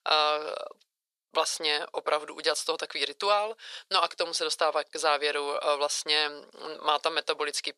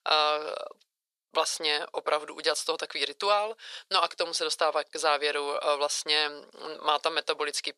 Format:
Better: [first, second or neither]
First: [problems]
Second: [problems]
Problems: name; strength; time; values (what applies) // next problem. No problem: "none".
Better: neither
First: thin; very; fading below 500 Hz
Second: thin; very; fading below 500 Hz